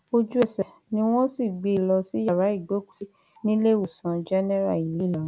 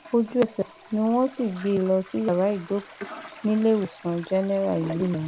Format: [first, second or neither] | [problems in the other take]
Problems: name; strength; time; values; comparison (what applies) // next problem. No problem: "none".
first | background sound (Toilet flush); 18 dB below the speech